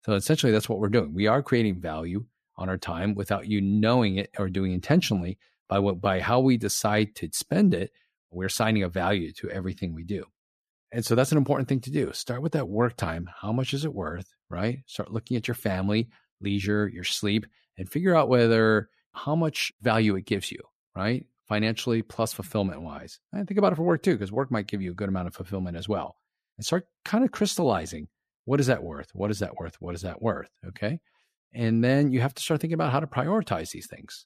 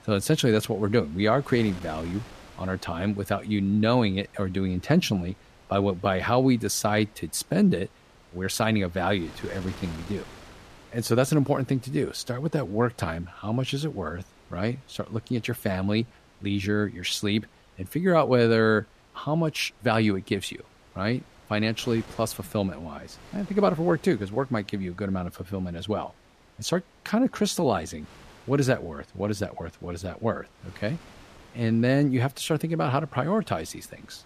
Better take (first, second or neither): first